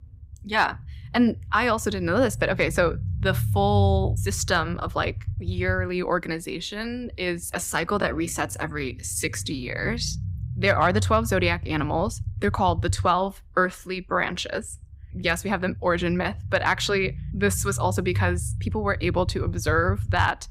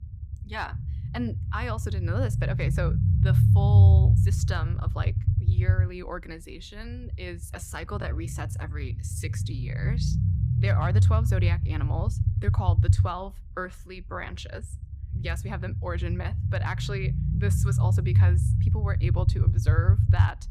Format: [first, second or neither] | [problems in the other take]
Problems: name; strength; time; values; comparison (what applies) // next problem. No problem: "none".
first | low rumble; loud; throughout; 3 dB below the speech; faint in the first